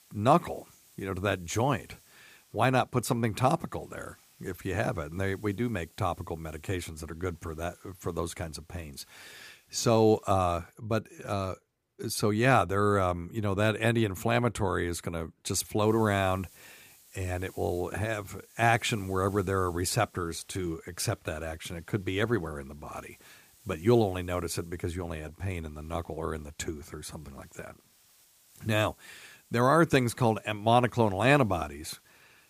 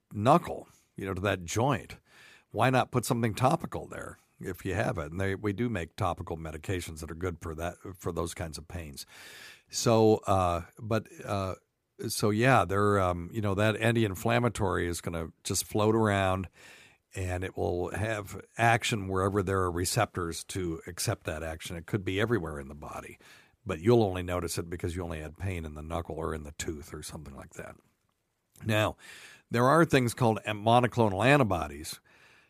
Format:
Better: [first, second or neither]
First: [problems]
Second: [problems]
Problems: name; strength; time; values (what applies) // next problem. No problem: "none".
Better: second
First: hiss; faint; until 11 s and from 16 s on; 30 dB below the speech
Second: none